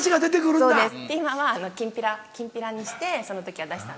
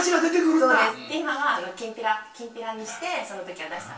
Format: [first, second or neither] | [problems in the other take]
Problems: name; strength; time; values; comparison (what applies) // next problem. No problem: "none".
first | room echo; dies away in 0.2 s